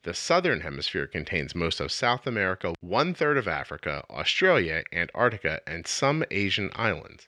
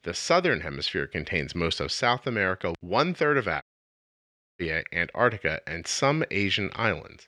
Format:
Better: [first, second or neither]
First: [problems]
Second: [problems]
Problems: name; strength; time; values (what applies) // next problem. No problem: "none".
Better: first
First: none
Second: audio cutting out; at 3.5 s for 1 s